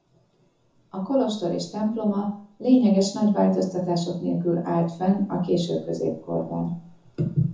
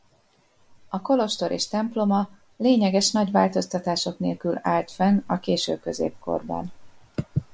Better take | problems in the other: second | room echo; dies away in 0.5 s

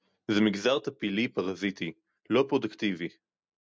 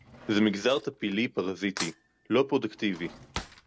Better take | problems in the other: first | background sound (Cutlery, silverware / Drawer open or close); 15 dB below the speech

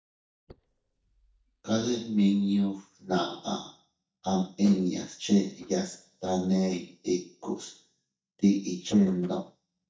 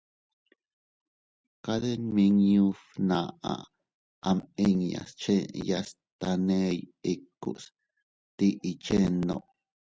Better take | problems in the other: second | noise reduction (neural mask model DeepFilterNet 3)

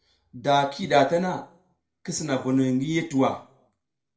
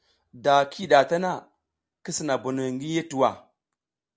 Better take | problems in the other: second | room echo; dies away in 0.3 s

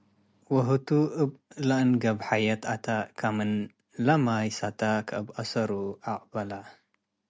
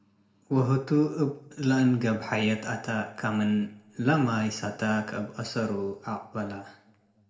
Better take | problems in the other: first | room echo; dies away in 0.9 s

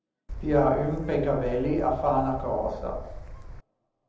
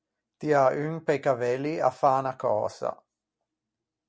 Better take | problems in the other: second | background sound (Gull, seagull / Wind); 10 dB below the speech // room echo; dies away in 0.9 s

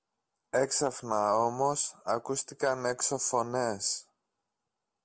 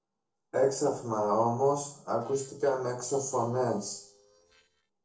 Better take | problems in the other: first | noise reduction (neural separator model SepFormer DNS4)

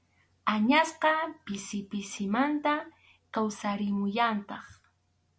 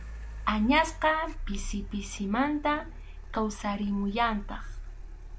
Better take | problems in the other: first | background sound (Car); 9 dB below the speech

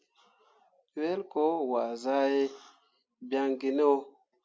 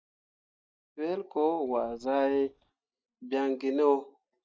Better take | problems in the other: first | noise reduction (neural mask model DeepFilterNet 3)

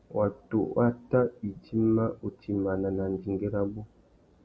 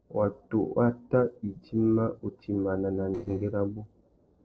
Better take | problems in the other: first | noise reduction (neural separator model SepFormer DNS4)

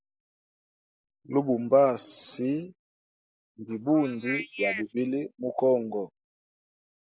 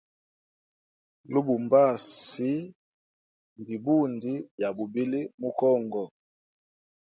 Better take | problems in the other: second | noise reduction (neural mask model Resemble Enhance denoiser)

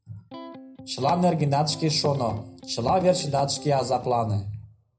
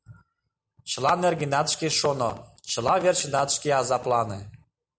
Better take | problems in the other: second | background sound (Electric guitar); 17 dB below the speech // room echo; dies away in 0.4 s

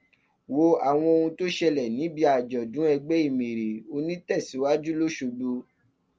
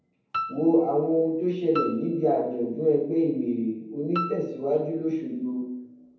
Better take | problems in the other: first | background sound (Piano); 11 dB below the speech // room echo; dies away in 0.9 s

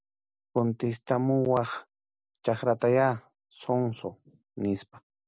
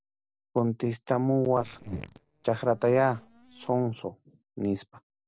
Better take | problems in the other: first | noise reduction (neural separator model SepFormer DNS4)

